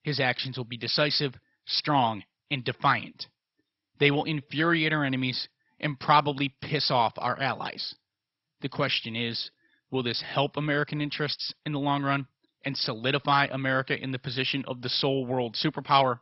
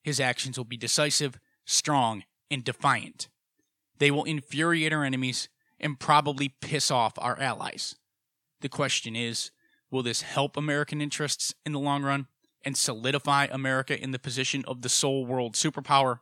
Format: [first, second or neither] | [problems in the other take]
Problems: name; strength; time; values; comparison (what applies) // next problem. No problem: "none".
second | garbled, watery; badly; nothing above 5.5 kHz